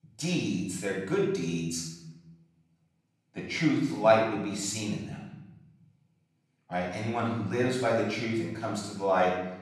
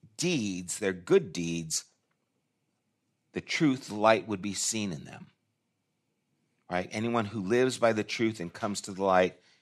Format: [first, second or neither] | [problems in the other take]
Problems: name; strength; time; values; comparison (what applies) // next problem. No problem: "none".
second | off-mic speech; far // room echo; noticeable; dies away in 0.9 s